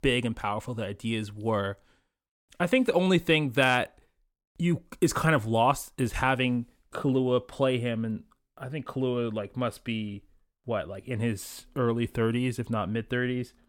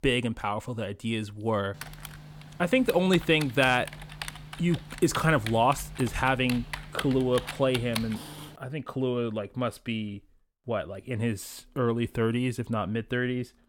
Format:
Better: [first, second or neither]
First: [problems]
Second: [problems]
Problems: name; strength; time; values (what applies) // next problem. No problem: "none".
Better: first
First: none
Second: keyboard typing; noticeable; from 1.5 to 8.5 s; peak 7 dB below the speech